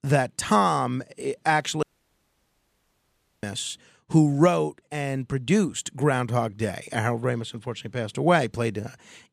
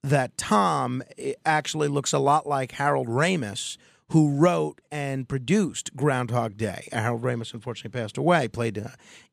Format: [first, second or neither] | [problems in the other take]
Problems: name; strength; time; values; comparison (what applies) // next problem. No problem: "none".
second | audio cutting out; at 2 s for 1.5 s